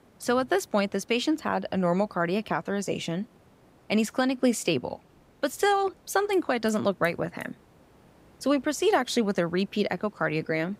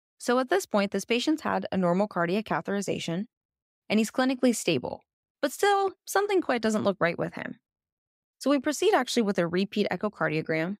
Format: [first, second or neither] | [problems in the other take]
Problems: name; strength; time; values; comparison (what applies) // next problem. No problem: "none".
second | hiss; faint; throughout; 30 dB below the speech